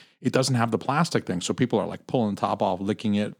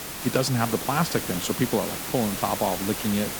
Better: first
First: none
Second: hiss; loud; throughout; 4 dB below the speech

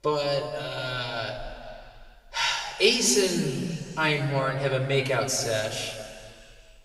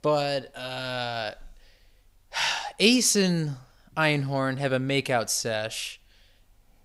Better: second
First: room echo; noticeable; dies away in 2.1 s // off-mic speech; far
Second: none

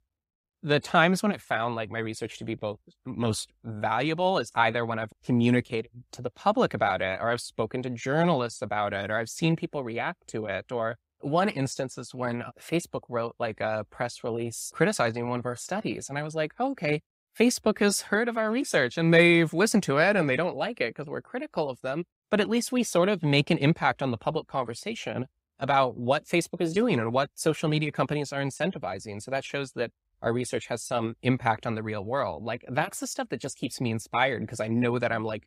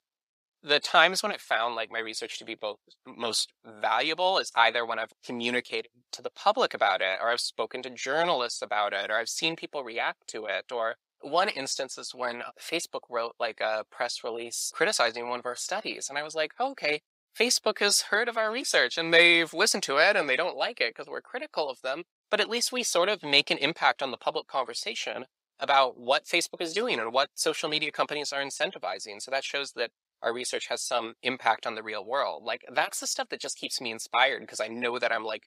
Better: first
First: none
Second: thin; somewhat; fading below 500 Hz

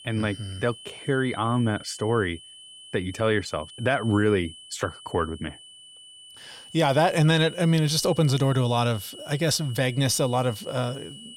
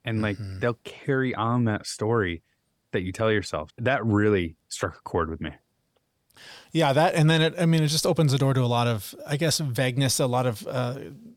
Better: second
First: high-pitched whine; noticeable; throughout; 3 kHz, 15 dB below the speech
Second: none

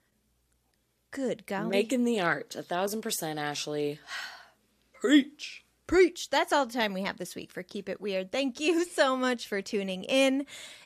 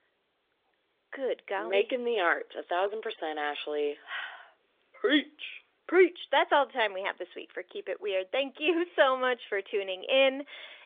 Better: first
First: none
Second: phone-call audio; nothing above 3.5 kHz

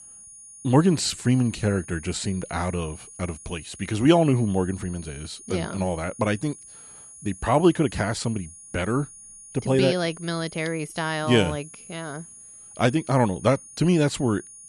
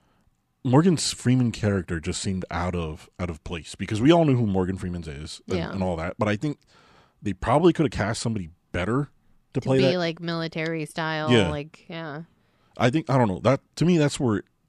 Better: second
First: high-pitched whine; noticeable; throughout; 10 kHz, 20 dB below the speech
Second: none

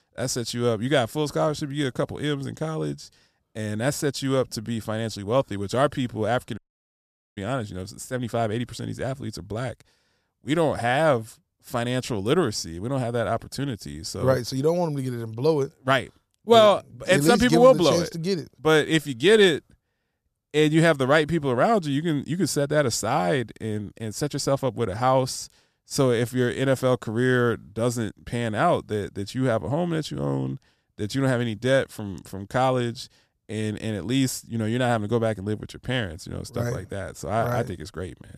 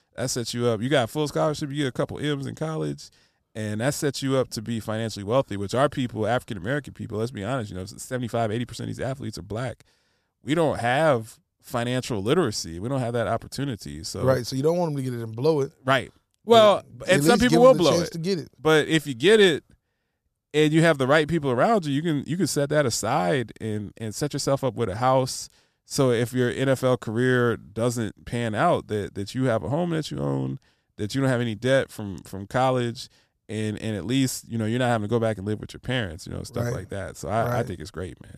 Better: second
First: audio cutting out; at 6.5 s for 1 s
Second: none

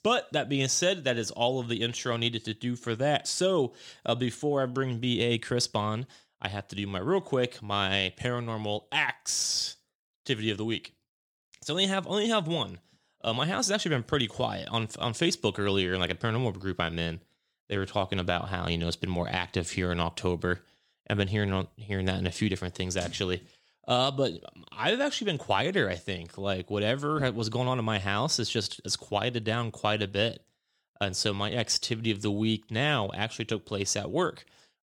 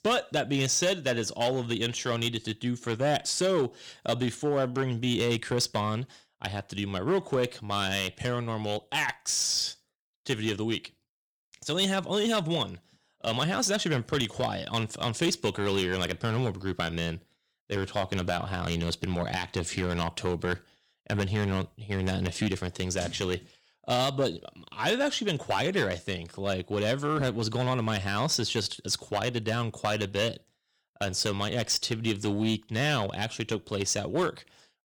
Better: first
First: none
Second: distortion; slight; 4% of the sound clipped

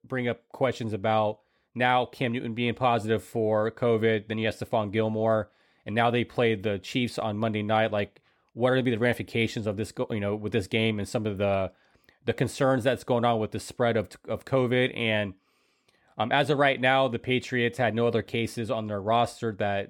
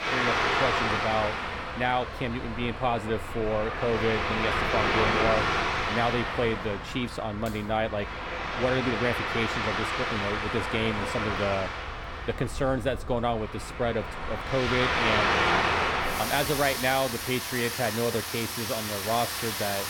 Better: first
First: none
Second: rain or running water; very loud; throughout; 1 dB above the speech

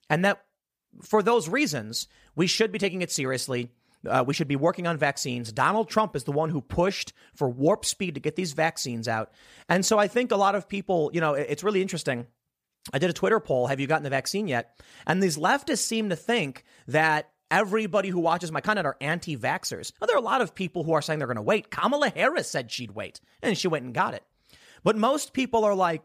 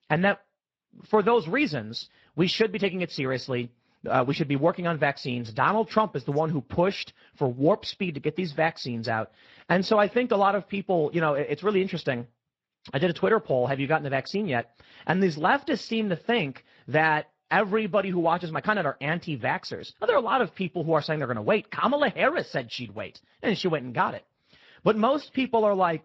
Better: first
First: none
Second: garbled, watery; slightly

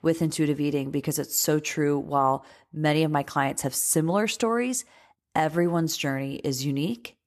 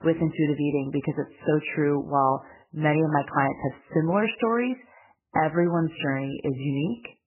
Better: first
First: none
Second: garbled, watery; badly; nothing above 3 kHz

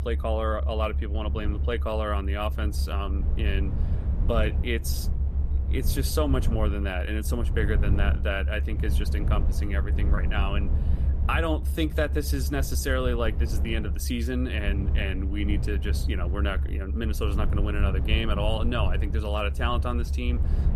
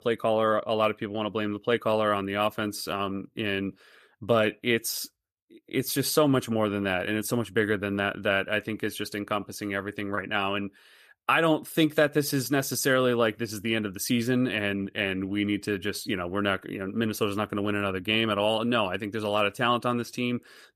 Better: second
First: low rumble; noticeable; throughout; 10 dB below the speech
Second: none

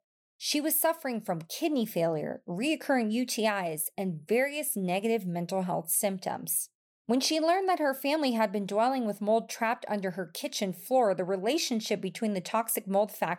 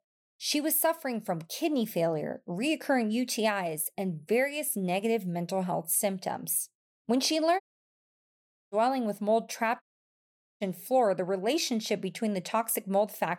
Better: first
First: none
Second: audio cutting out; at 7.5 s for 1 s and at 10 s for 1 s

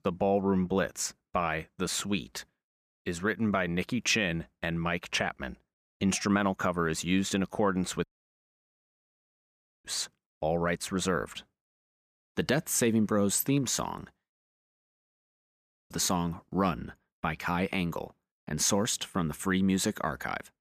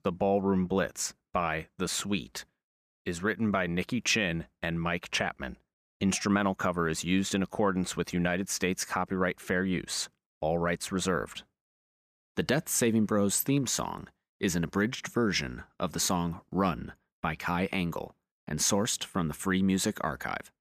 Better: second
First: audio cutting out; at 8 s for 2 s and at 14 s for 1.5 s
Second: none

